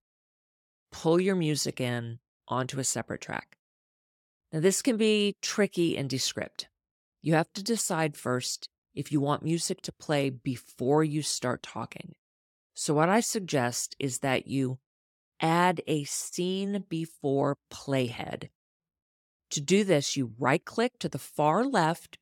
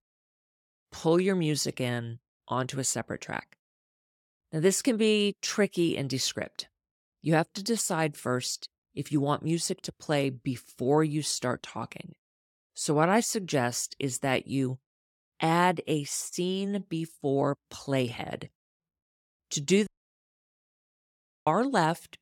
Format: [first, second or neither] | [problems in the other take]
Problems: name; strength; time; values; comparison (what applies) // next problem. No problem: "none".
first | audio cutting out; at 20 s for 1.5 s